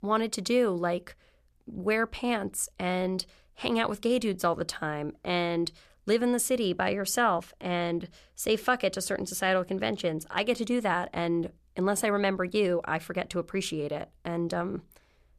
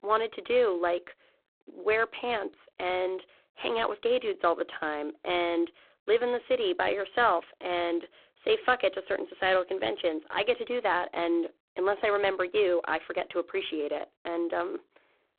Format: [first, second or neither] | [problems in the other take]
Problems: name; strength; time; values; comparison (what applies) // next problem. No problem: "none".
first | phone-call audio; poor line